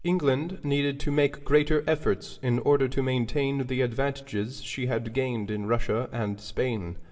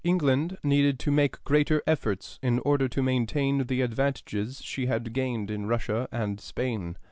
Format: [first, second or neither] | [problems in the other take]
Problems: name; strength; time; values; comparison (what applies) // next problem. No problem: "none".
second | room echo; dies away in 0.5 s